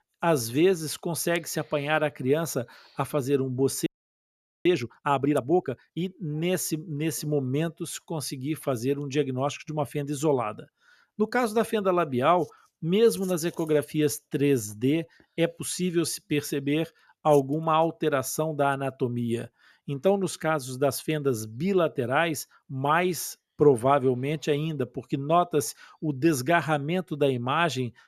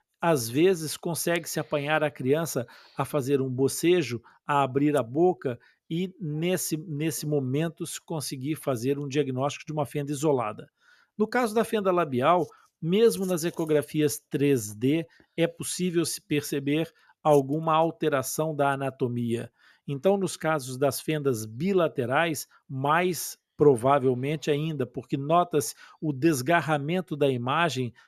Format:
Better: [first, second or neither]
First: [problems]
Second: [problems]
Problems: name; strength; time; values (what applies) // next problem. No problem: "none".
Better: second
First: audio freezing; at 4 s for 1 s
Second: none